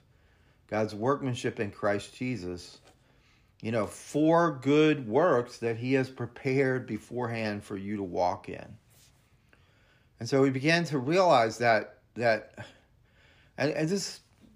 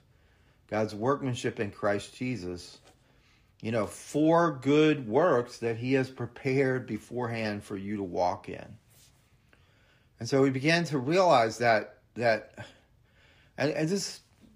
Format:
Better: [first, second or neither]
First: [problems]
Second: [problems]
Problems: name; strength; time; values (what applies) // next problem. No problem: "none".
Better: first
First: none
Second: garbled, watery; slightly; nothing above 15 kHz